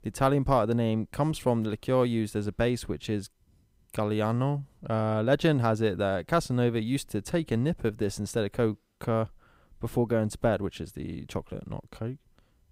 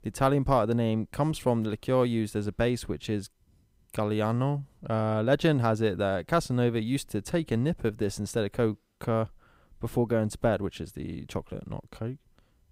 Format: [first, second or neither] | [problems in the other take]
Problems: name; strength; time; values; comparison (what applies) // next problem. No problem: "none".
neither | none